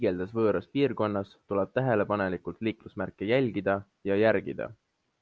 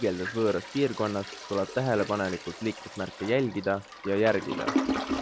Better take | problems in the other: first | background sound (Toilet flush); 6 dB below the speech

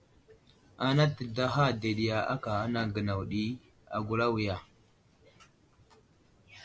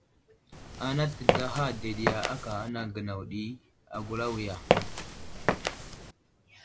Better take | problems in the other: first | background sound (Walk, footsteps); 4 dB above the speech

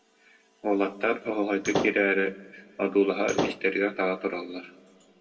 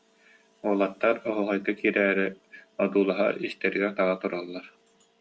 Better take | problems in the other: second | background sound (Slam / Wood); 2 dB below the speech // room echo; dies away in 1.4 s

